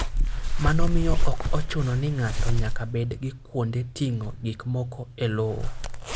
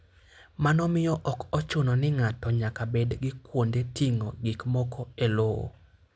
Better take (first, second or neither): second